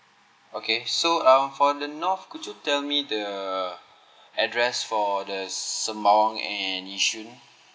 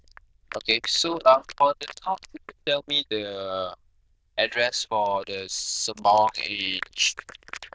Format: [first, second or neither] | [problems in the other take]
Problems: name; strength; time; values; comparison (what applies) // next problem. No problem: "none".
first | noise reduction (neural diffusion model UNIVERSE++)